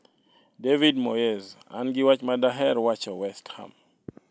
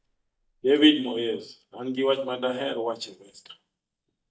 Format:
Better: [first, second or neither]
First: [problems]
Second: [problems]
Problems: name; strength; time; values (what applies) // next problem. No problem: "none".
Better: first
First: none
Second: noise reduction (neural mask model DeepFilterNet 3)